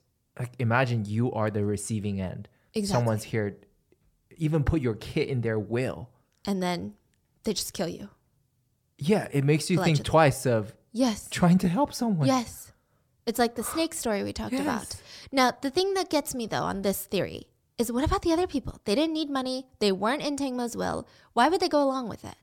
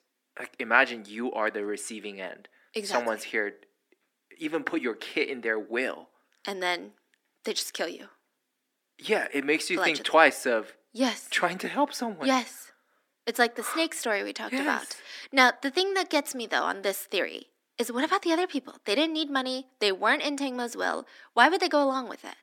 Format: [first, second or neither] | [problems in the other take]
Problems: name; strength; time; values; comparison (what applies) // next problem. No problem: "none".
first | thin; somewhat; fading below 250 Hz